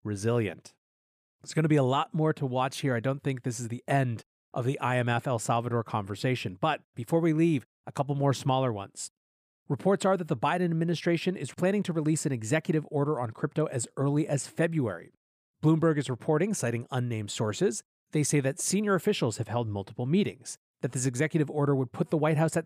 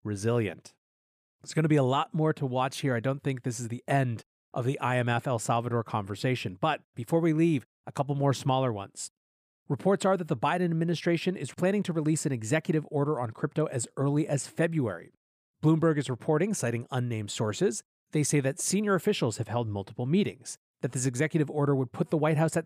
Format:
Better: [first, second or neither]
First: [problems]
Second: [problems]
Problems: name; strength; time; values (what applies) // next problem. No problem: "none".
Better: neither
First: none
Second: none